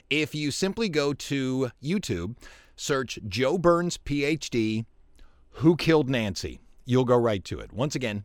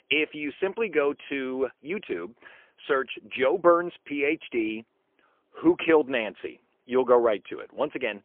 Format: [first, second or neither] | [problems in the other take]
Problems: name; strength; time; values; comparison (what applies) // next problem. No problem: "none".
first | phone-call audio; poor line; nothing above 3 kHz